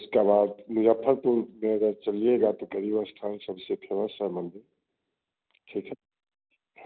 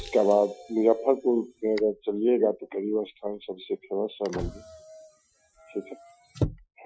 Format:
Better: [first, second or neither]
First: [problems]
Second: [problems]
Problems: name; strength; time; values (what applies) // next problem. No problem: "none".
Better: first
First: none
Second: noise reduction (classical method Wiener filter)